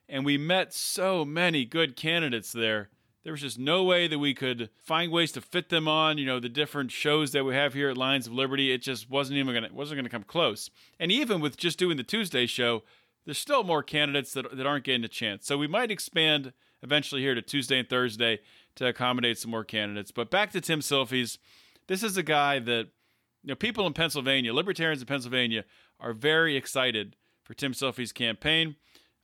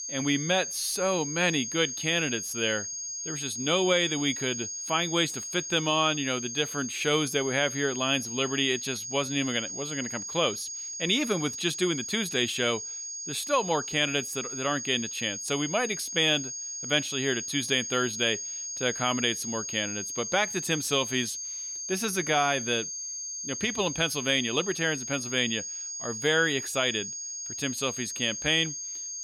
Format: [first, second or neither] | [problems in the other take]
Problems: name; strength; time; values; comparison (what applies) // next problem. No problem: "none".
first | high-pitched whine; loud; throughout; 6.5 kHz, 6 dB below the speech